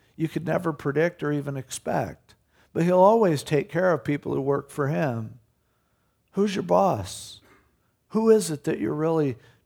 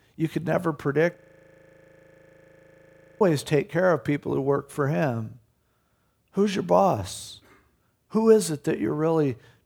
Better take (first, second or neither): first